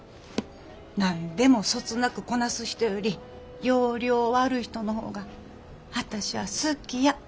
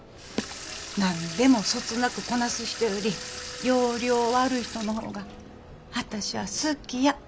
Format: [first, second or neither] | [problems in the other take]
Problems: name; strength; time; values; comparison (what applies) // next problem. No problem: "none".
first | background sound (Sink (filling or washing) / Water tap, faucet); 12 dB below the speech